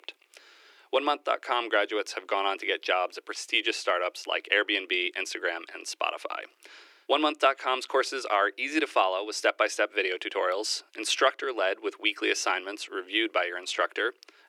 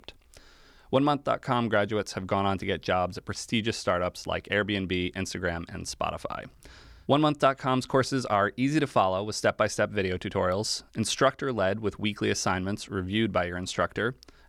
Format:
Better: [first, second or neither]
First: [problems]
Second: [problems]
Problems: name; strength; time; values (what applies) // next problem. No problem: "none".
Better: second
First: thin; very; fading below 300 Hz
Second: none